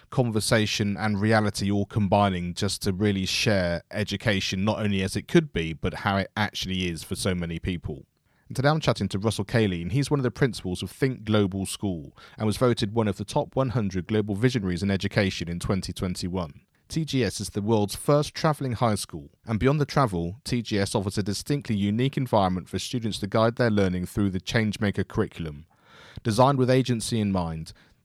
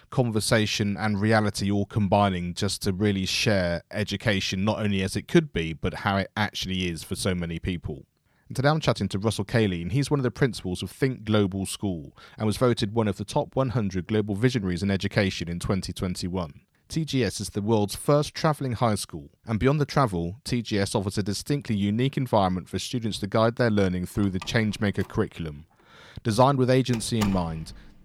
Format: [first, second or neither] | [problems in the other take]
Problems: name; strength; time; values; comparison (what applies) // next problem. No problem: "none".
first | door banging; noticeable; from 24 s on; peak 8 dB below the speech